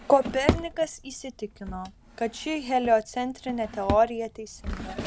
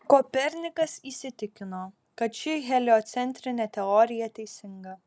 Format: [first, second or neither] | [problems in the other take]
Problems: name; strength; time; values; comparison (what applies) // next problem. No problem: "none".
second | background sound (Drawer open or close); 7 dB below the speech